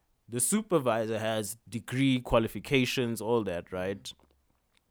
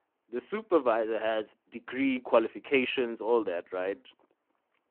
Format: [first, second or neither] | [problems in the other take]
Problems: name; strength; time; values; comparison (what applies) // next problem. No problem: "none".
first | phone-call audio